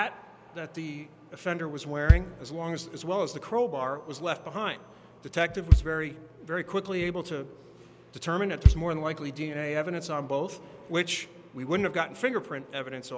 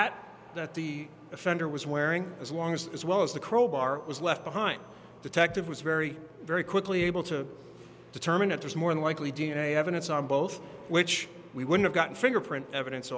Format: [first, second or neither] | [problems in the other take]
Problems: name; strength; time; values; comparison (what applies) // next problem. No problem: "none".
second | background sound (Bass drum); 4 dB above the speech